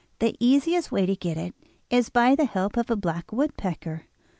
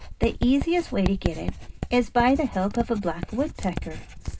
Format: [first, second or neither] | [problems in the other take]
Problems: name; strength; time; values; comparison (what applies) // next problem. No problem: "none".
first | background sound (Writing); 7 dB below the speech // room echo; dies away in 0.2 s